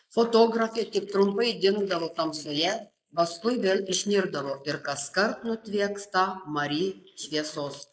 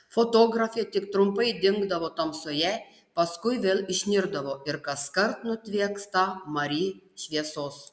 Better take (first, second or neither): second